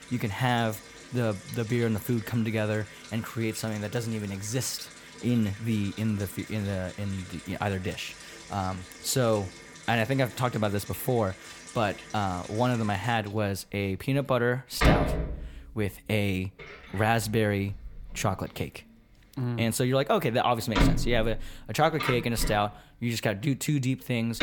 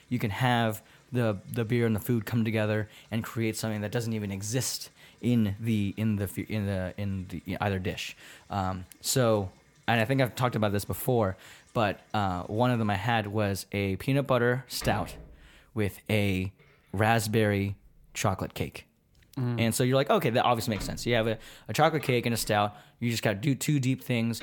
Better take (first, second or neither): second